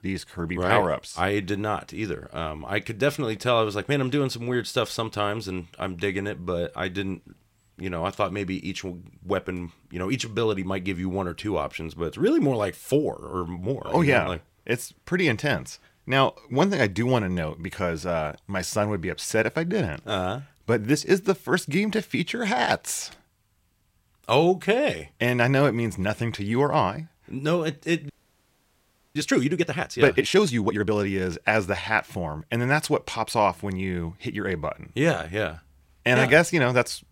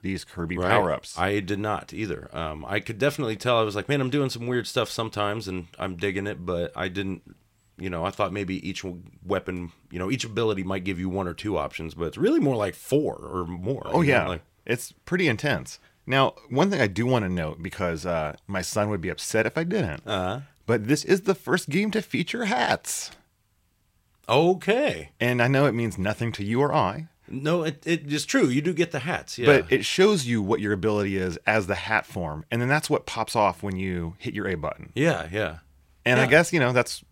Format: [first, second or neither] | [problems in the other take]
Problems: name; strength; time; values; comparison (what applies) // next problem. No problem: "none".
second | audio freezing; at 28 s for 1 s